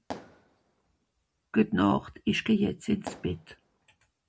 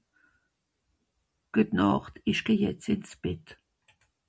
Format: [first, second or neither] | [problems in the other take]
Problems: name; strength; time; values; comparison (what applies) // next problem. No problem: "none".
second | background sound (Fireworks); 15 dB below the speech